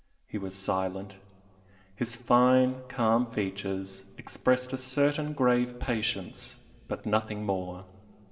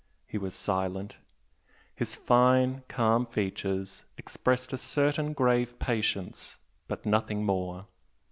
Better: second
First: room echo; dies away in 2.8 s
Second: none

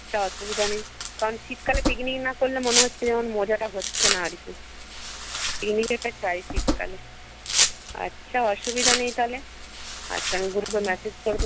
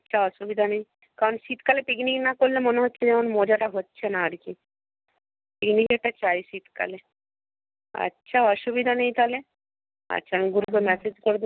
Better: second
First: background sound (Domestic sounds, home sounds); as loud as the speech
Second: none

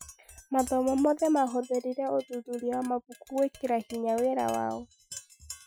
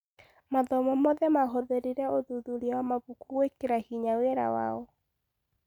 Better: second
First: noise reduction (classical method Wiener filter)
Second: none

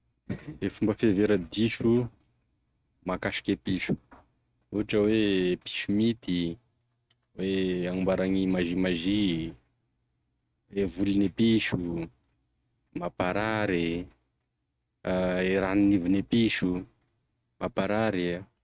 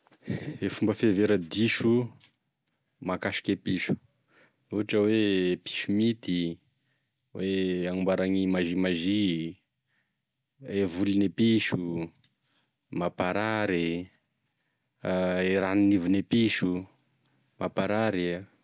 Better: second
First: noise reduction (neural mask model RNNoise)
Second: none

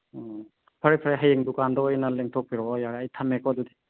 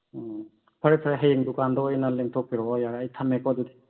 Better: first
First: none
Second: room echo; dies away in 0.5 s

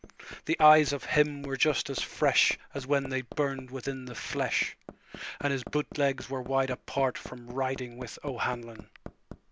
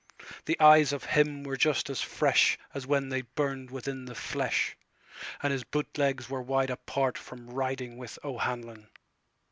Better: second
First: background sound (Hammer); 18 dB below the speech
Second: none

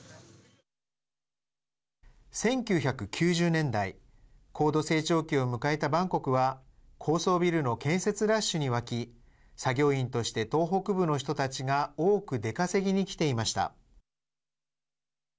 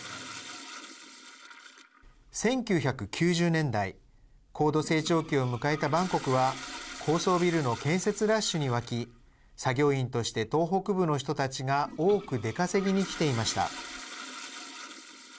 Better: first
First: none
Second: background sound (Toilet flush); 16 dB below the speech

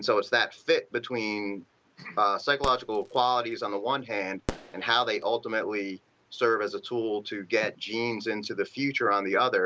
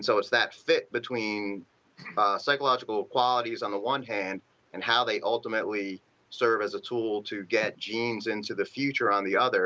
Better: second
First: background sound (Fireworks); 15 dB below the speech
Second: none

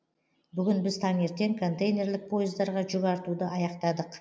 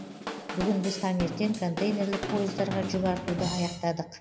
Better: first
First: none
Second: background sound (Drum / Drum kit); 6 dB below the speech

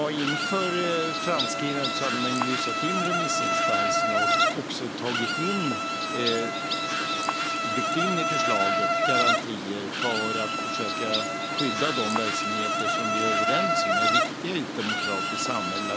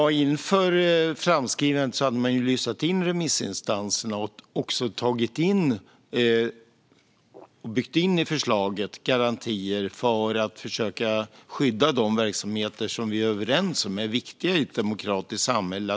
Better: second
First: background sound (Insect); 5 dB above the speech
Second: none

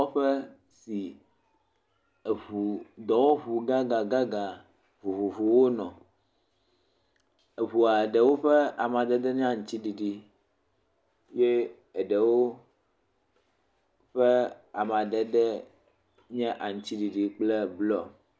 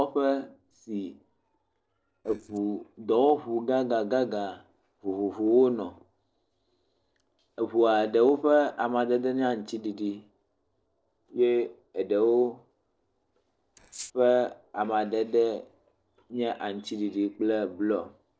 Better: first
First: none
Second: noise reduction (neural separator model SepFormer DNS4)

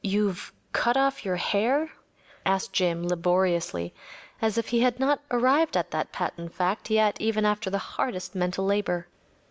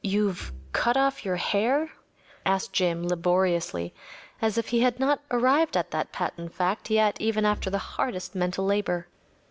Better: first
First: none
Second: background sound (Bowed string instrument); 17 dB below the speech

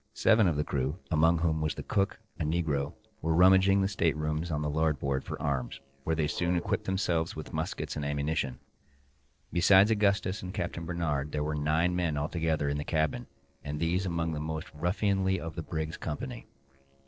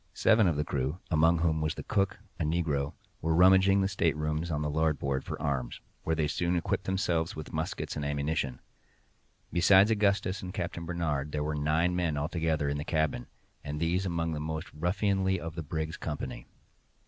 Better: second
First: noise reduction (neural separator model SepFormer DNS4)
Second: none

